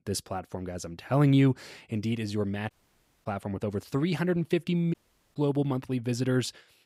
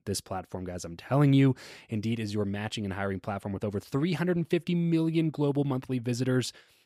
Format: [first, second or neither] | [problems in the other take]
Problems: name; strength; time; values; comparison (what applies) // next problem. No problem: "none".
second | audio cutting out; at 2.5 s for 0.5 s and at 5 s